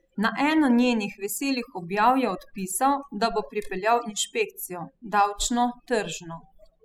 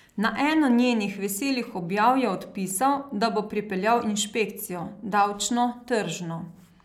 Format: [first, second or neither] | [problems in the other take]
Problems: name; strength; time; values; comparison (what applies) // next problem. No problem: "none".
second | noise reduction (classical method spectral subtraction)